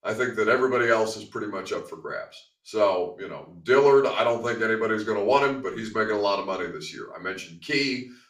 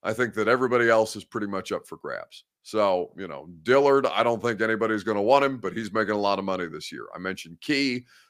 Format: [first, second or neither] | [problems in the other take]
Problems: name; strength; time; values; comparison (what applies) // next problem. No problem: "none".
second | room echo; slight; dies away in 0.4 s // off-mic speech; somewhat distant